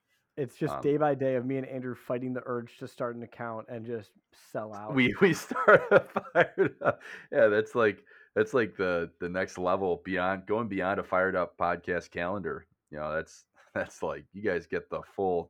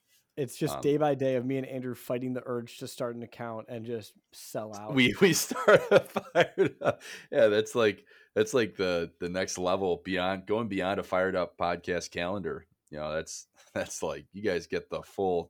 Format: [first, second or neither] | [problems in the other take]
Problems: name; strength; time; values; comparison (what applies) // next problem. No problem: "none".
second | muffled; slightly; fading above 3 kHz